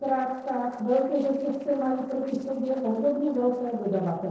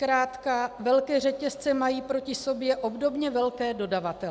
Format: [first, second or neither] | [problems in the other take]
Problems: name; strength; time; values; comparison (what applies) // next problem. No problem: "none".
second | noise reduction (neural separator model SepFormer DNS4)